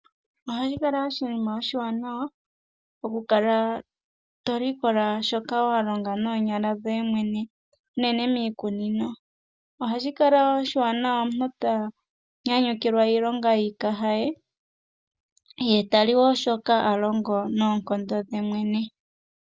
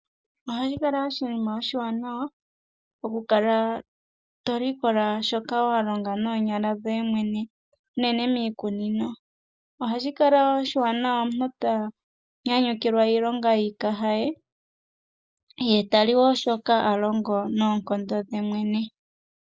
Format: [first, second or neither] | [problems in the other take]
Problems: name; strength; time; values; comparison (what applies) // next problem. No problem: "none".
first | noise reduction (neural mask model Resemble Enhance denoiser)